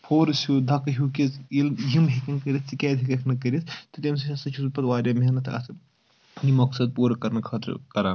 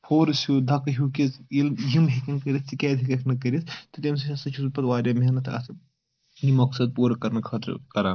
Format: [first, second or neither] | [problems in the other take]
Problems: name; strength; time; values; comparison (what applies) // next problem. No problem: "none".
first | noise reduction (neural mask model Resemble Enhance denoiser)